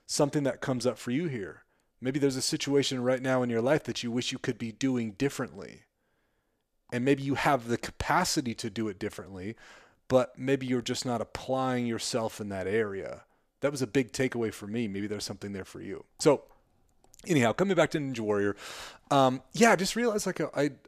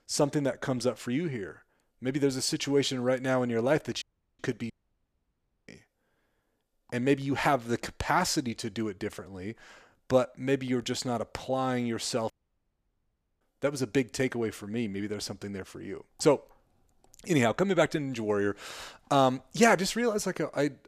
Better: first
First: none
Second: audio cutting out; at 4 s, at 4.5 s for 1 s and at 12 s for 1 s

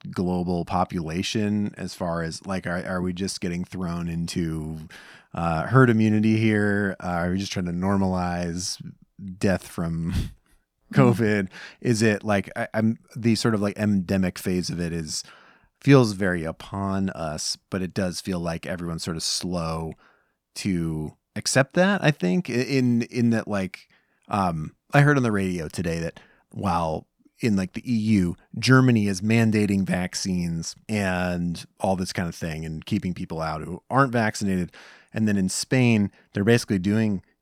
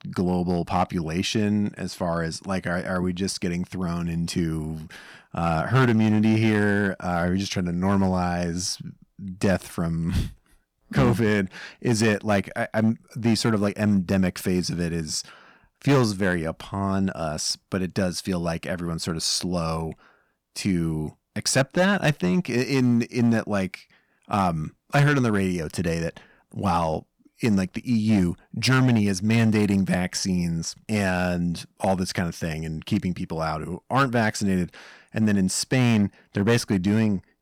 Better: first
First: none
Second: distortion; slight; 4% of the sound clipped

